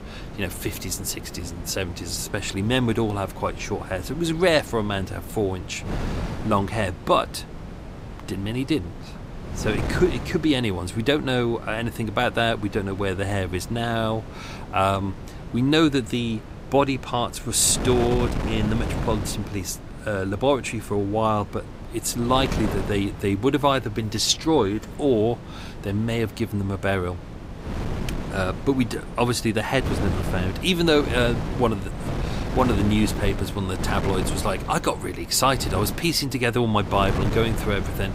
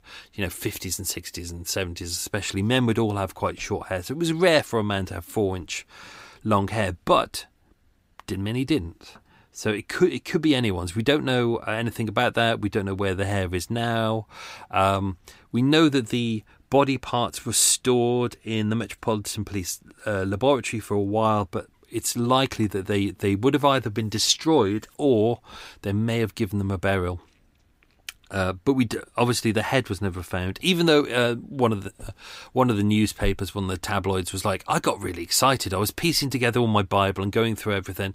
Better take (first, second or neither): second